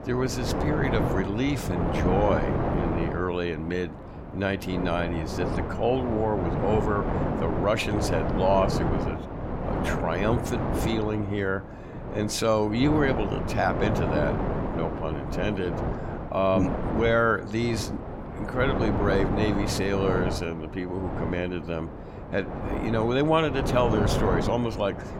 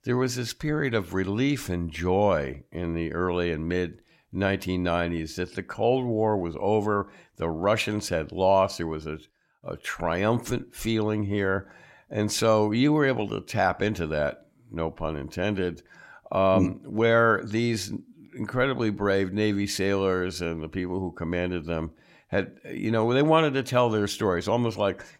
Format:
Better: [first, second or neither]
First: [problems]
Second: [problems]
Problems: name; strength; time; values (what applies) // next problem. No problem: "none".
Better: second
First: wind noise on the microphone; heavy; 4 dB below the speech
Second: none